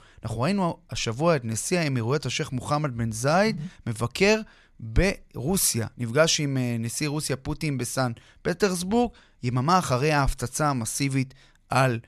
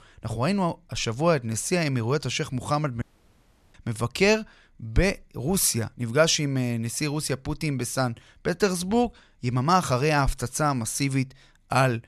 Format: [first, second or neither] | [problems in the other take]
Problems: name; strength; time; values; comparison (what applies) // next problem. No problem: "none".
first | audio cutting out; at 3 s for 0.5 s